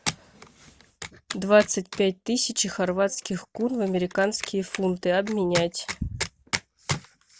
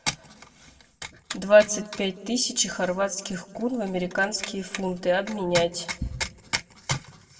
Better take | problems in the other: first | room echo; dies away in 1.2 s

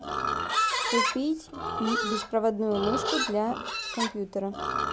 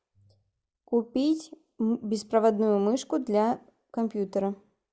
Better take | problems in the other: second | background sound (Livestock, farm animals, working animals); as loud as the speech

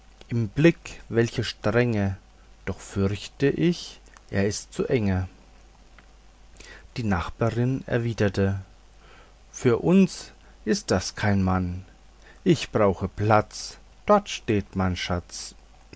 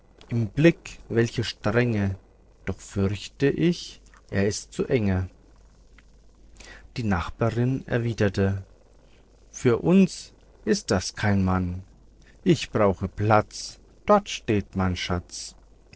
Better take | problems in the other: first | noise reduction (neural separator model SepFormer DNS4)

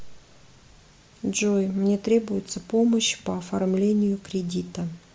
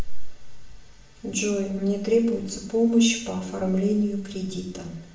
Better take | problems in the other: first | room echo; dies away in 0.6 s

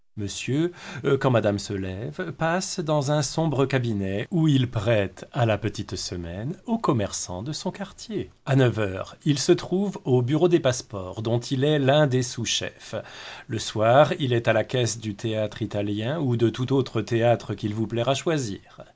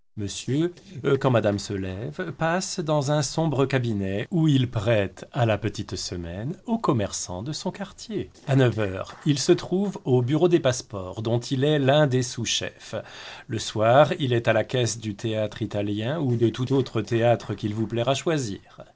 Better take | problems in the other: first | noise reduction (neural separator model SepFormer DNS4)

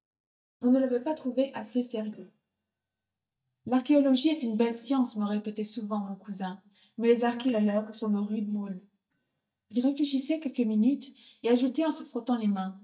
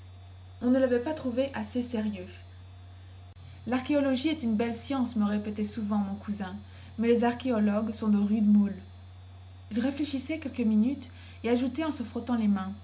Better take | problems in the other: second | noise reduction (neural mask model DeepFilterNet 3)

